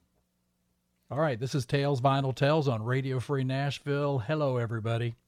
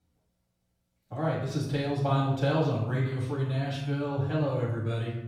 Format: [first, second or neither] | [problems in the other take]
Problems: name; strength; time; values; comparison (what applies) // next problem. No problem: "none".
first | off-mic speech; far // room echo; noticeable; dies away in 0.8 s